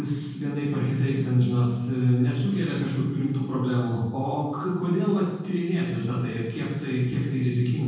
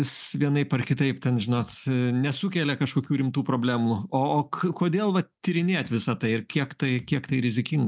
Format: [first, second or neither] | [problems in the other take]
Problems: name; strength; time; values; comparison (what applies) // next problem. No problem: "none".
second | room echo; dies away in 1.3 s